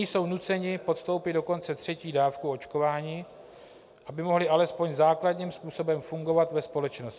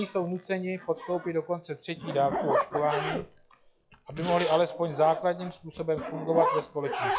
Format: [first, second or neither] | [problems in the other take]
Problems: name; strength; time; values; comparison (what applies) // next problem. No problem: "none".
first | noise reduction (classical method log-MMSE)